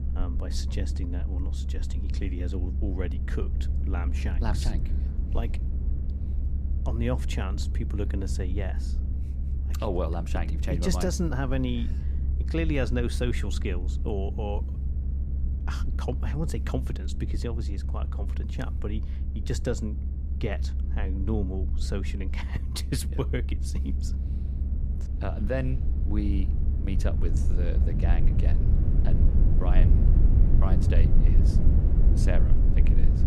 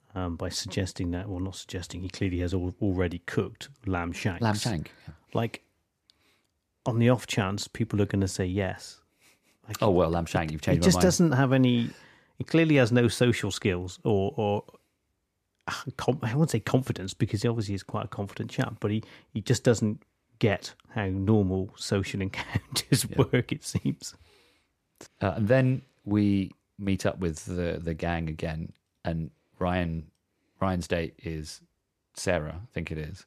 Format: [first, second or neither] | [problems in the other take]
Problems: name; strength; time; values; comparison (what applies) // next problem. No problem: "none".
second | low rumble; loud; throughout; 7 dB below the speech